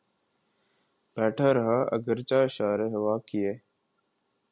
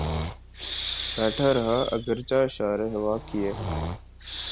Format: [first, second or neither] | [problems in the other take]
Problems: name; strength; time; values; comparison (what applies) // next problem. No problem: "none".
first | background sound (Breathing); 6 dB below the speech